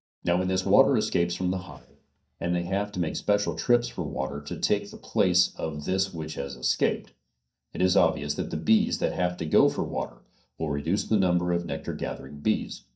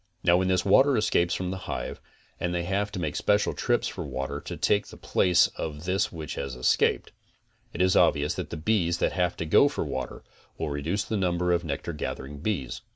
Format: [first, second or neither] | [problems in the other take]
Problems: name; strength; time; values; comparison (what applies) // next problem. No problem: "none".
second | noise reduction (neural mask model DeepFilterNet 3)